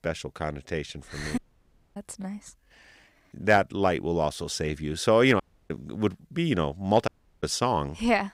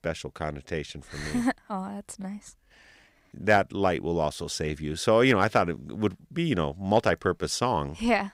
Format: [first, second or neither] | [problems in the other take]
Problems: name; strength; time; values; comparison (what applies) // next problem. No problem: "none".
second | audio cutting out; at 1.5 s for 0.5 s, at 5.5 s and at 7 s